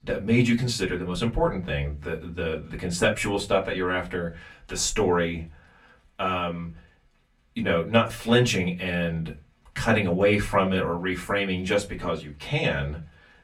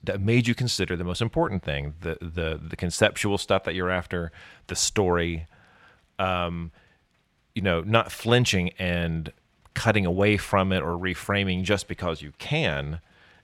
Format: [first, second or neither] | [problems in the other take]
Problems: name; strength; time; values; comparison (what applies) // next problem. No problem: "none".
second | off-mic speech; far // room echo; very slight; dies away in 0.2 s